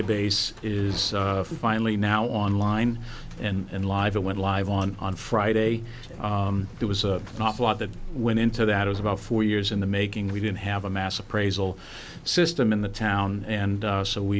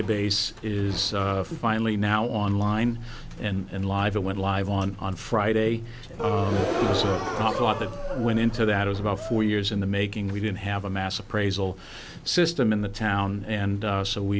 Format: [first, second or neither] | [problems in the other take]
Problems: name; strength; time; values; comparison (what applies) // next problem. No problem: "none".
first | background sound (Gasp); 5 dB below the speech